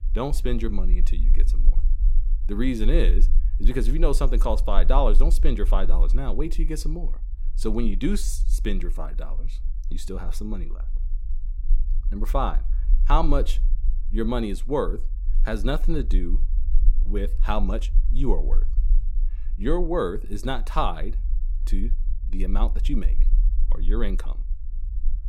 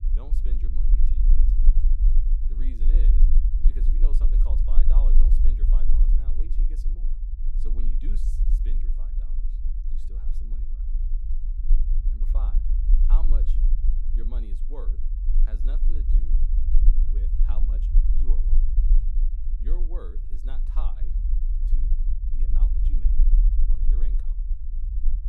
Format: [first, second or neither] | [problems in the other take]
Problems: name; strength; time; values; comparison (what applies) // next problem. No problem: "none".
first | low rumble; loud; throughout; 1 dB below the speech; faint in the first